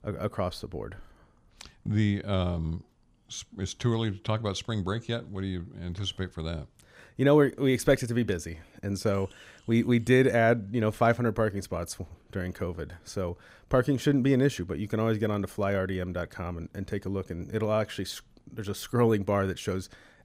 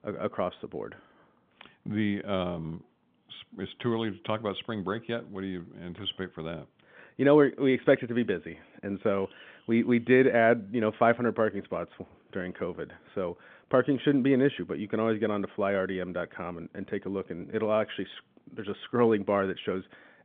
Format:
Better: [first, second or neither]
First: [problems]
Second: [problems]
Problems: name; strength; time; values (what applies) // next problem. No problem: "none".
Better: first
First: none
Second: phone-call audio; nothing above 3.5 kHz